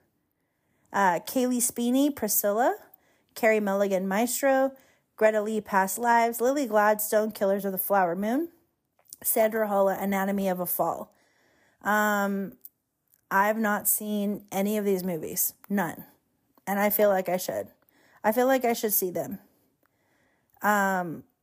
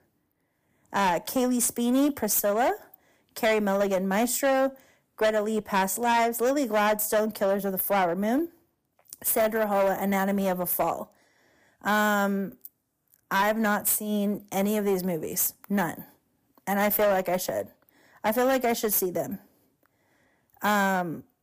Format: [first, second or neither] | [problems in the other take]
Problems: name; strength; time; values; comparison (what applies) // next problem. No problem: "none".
first | distortion; slight; 8% of the sound clipped